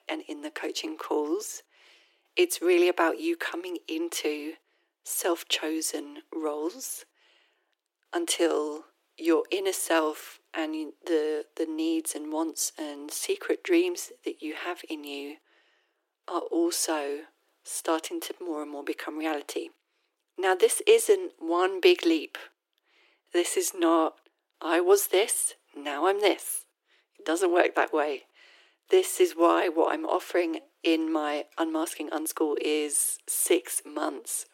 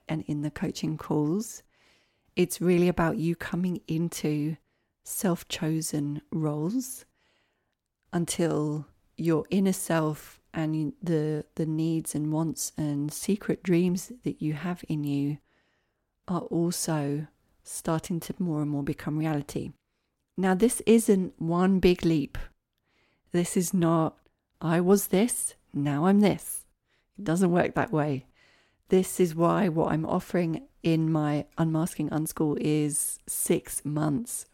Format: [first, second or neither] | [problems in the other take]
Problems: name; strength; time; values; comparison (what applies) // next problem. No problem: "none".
second | thin; very; fading below 350 Hz